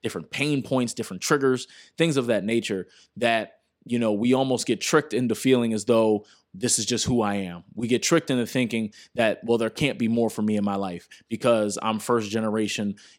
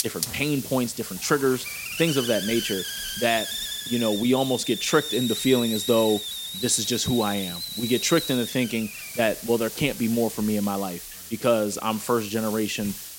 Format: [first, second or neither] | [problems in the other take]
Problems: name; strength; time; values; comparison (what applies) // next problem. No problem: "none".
first | hiss; loud; throughout; 6 dB below the speech